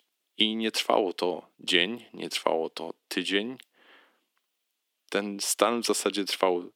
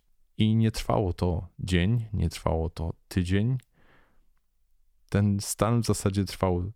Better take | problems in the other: second | thin; somewhat; fading below 250 Hz

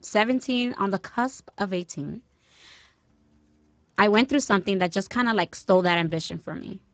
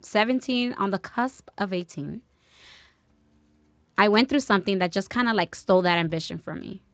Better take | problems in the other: second | garbled, watery; badly; nothing above 7.5 kHz; slightly in the second

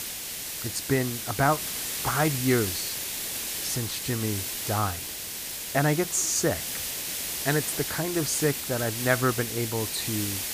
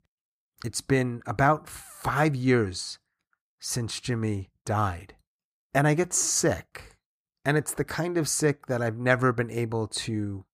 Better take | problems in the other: second | hiss; loud; throughout; 2 dB below the speech

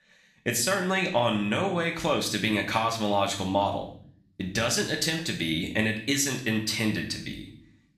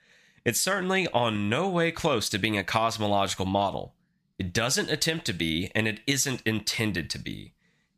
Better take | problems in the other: second | room echo; slight; dies away in 0.5 s // off-mic speech; somewhat distant

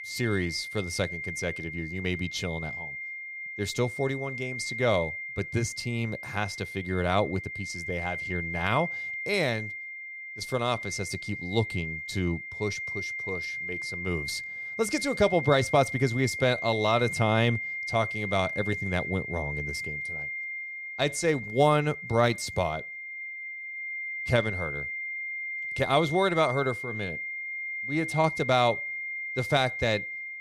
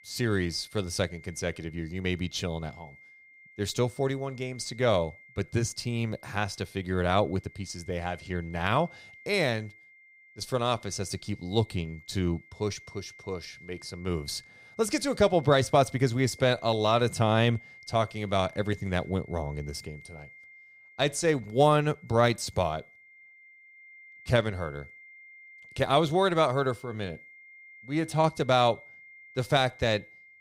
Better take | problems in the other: second | high-pitched whine; loud; throughout; 2 kHz, 5 dB below the speech; faint in the second

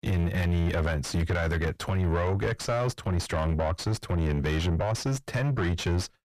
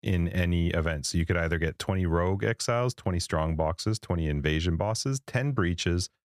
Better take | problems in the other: second | distortion; heavy; 6 dB below the speech

